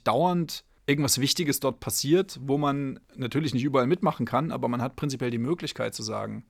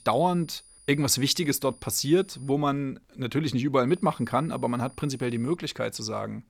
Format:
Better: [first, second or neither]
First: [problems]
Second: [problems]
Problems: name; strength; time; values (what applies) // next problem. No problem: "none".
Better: first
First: none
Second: high-pitched whine; faint; until 2.5 s and from 4 to 5.5 s; 9.5 kHz, 25 dB below the speech